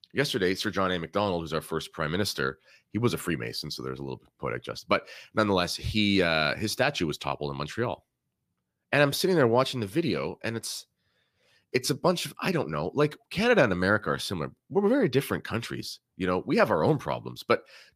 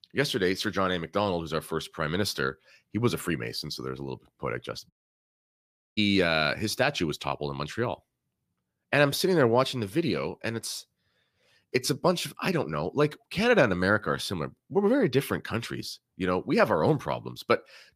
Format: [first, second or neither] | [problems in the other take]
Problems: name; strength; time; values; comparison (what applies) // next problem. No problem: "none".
first | audio cutting out; at 5 s for 1 s